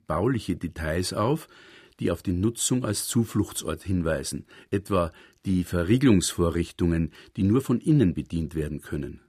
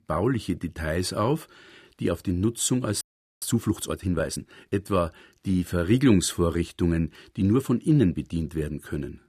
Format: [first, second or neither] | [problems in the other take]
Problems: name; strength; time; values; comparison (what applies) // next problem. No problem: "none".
first | audio freezing; at 3 s